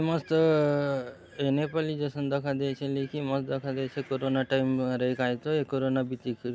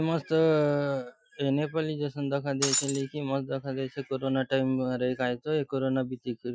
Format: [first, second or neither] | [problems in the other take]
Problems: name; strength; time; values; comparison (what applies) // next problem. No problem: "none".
first | noise reduction (classical method Wiener filter)